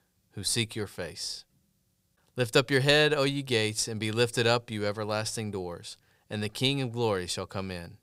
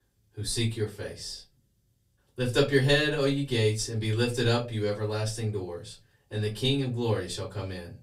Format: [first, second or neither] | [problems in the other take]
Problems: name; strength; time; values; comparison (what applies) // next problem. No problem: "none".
first | off-mic speech; far // room echo; very slight; dies away in 0.2 s